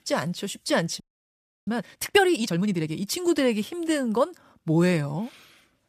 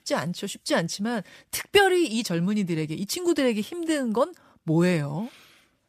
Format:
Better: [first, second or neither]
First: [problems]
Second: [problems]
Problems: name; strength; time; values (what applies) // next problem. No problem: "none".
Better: second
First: audio freezing; at 1 s for 0.5 s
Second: none